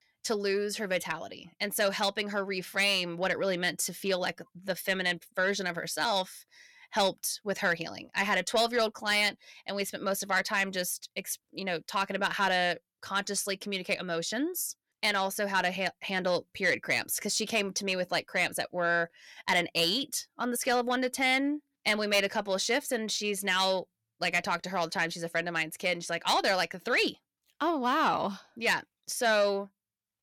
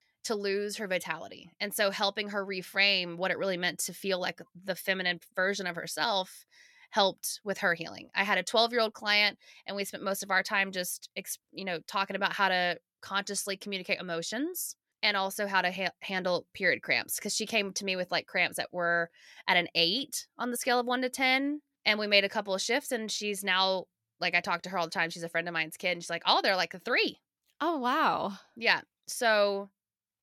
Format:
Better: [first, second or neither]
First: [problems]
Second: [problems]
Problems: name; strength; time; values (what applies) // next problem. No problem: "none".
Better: second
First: distortion; slight; 10 dB below the speech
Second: none